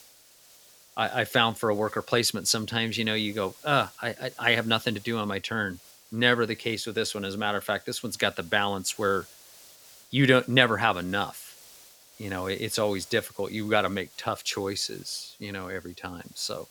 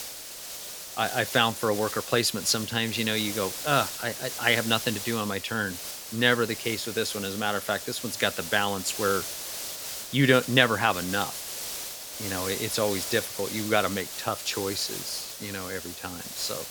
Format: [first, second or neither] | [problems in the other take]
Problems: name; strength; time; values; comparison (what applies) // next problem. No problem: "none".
first | hiss; loud; throughout; 7 dB below the speech; faint in the first